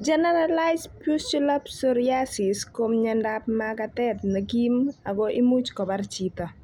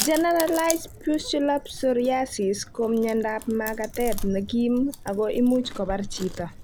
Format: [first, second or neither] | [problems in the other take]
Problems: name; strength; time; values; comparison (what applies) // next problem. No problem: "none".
first | background sound (Chewing, mastication); 11 dB below the speech